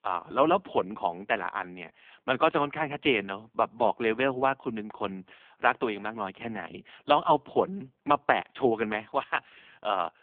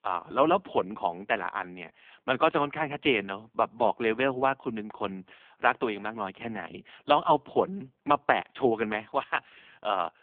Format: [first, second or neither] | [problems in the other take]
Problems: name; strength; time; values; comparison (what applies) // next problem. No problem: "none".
neither | phone-call audio; poor line; the same in both